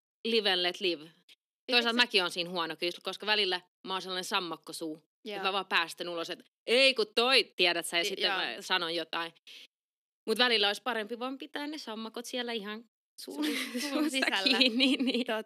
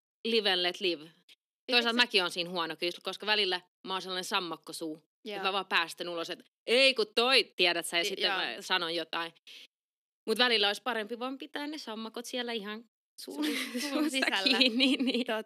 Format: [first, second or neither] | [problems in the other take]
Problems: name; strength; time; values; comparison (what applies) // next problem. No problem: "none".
neither | thin; somewhat; fading below 300 Hz; the same in both